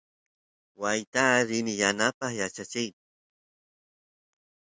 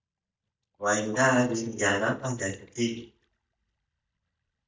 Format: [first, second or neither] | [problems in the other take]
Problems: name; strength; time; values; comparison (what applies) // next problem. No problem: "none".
first | noise reduction (neural mask model DeepFilterNet 3)